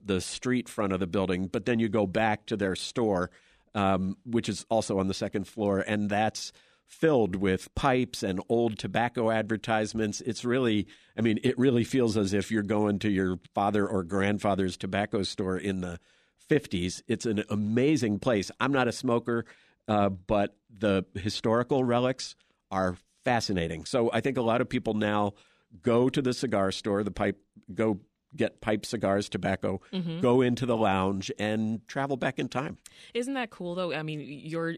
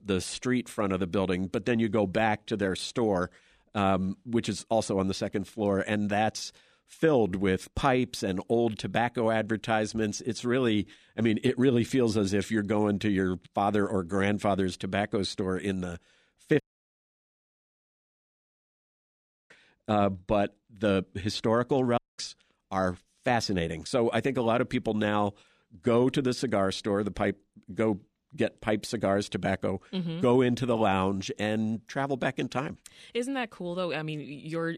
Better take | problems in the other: first | audio cutting out; at 17 s for 3 s and at 22 s

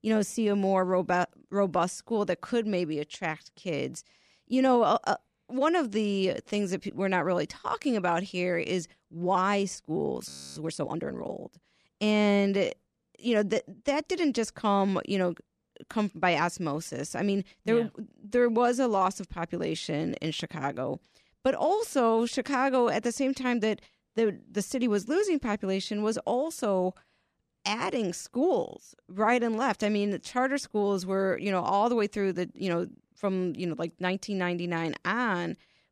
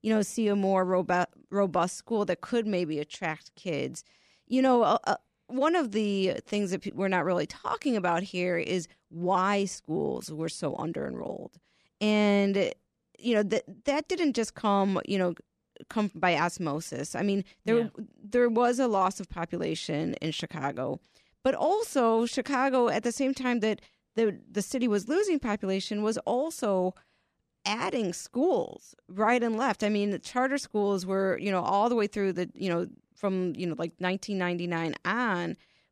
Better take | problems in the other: second | audio freezing; at 10 s

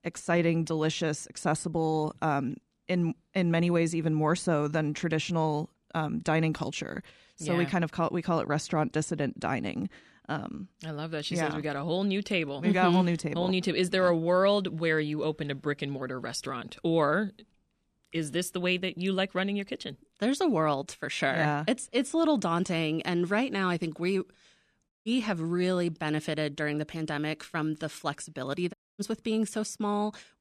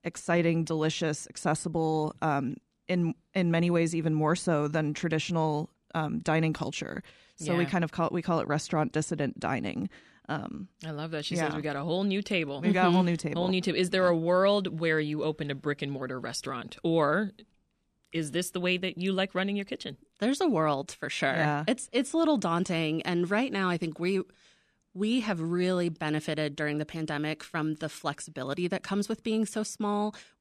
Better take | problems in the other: second | audio cutting out; at 25 s and at 29 s

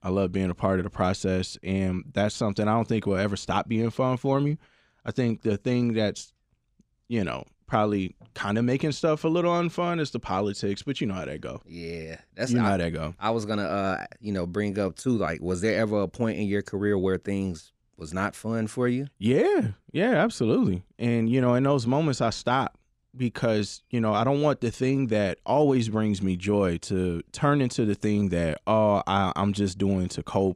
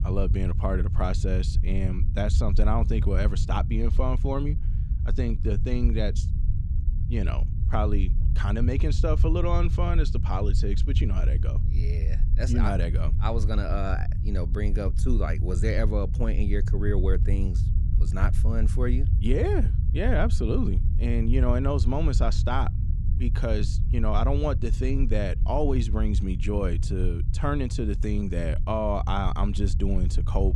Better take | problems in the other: first | low rumble; noticeable; throughout; 10 dB below the speech

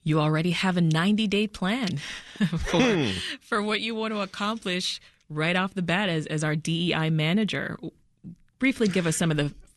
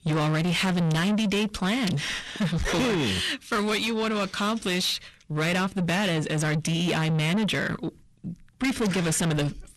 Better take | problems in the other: first | distortion; heavy; 8 dB below the speech

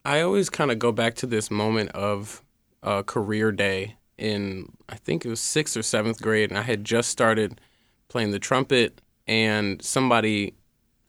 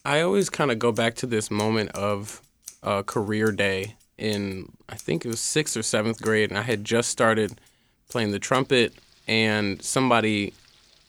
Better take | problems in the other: first | household noises; faint; throughout; 20 dB below the speech

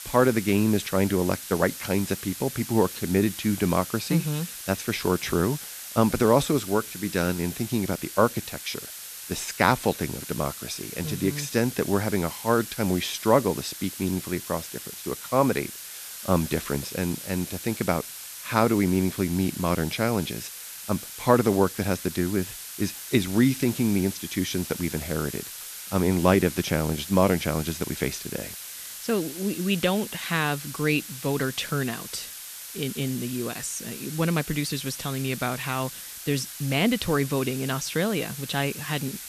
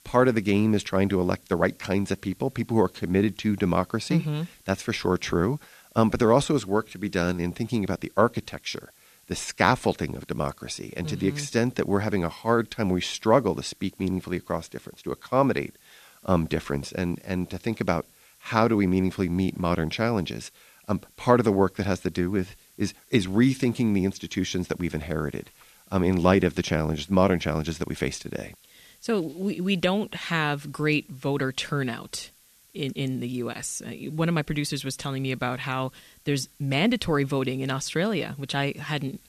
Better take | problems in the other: second | hiss; loud; throughout; 10 dB below the speech; faint in the second

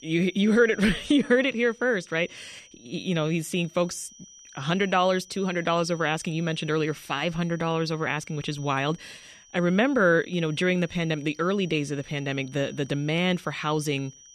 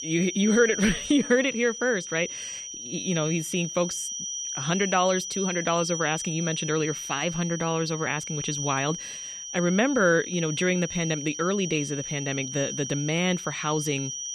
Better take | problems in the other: first | high-pitched whine; loud; throughout; 6 kHz, 6 dB below the speech; faint in the first

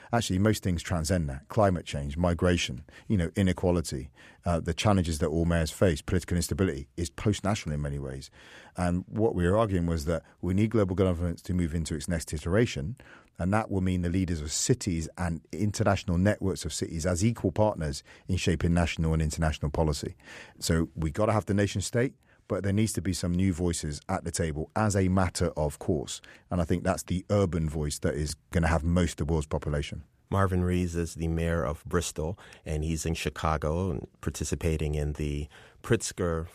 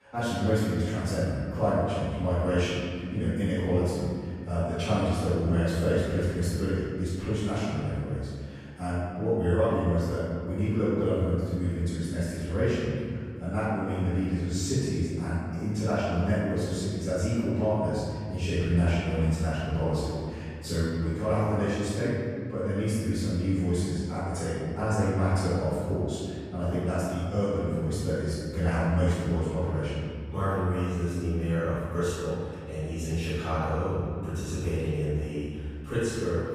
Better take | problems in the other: first | off-mic speech; far // room echo; strong; dies away in 2 s

